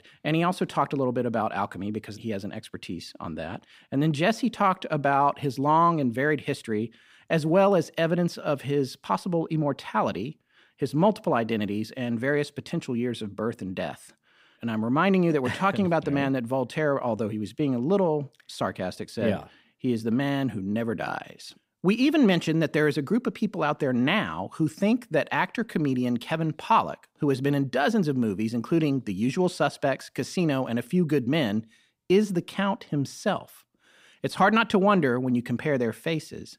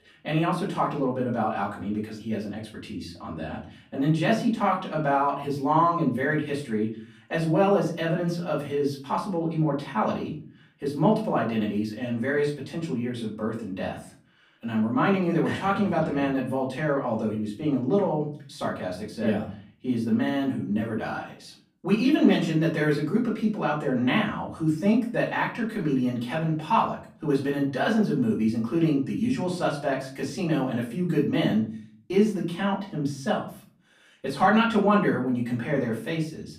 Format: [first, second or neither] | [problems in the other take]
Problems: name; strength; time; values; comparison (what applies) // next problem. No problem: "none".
first | room echo; slight; dies away in 0.4 s // off-mic speech; far